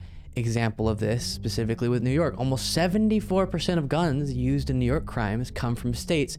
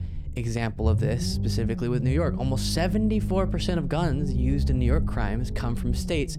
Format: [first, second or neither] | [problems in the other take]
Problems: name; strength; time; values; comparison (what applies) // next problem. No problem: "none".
first | low rumble; loud; throughout; 9 dB below the speech; faint in the first